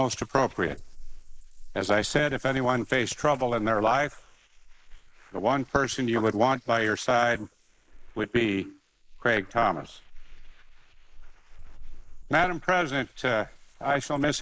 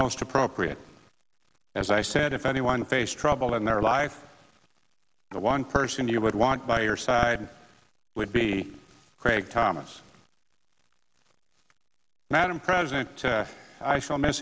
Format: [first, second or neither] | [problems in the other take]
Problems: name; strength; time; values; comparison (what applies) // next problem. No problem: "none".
second | noise reduction (neural mask model Resemble Enhance denoiser)